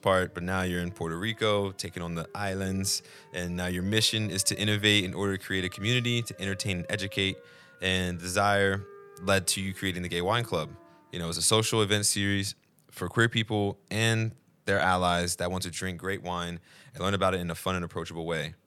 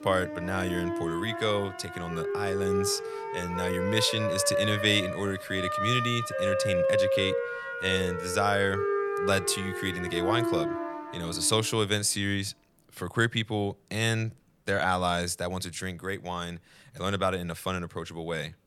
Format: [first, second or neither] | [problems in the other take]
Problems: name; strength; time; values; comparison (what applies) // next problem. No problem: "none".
first | background music; loud; throughout; 2 dB below the speech; faint in the first